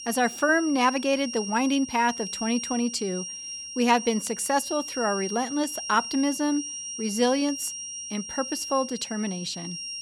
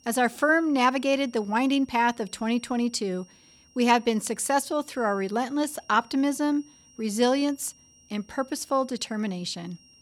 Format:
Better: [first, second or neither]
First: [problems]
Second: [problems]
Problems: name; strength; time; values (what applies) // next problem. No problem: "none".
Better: second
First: high-pitched whine; loud; throughout; 5.5 kHz, 7 dB below the speech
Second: high-pitched whine; faint; throughout; 5.5 kHz, 30 dB below the speech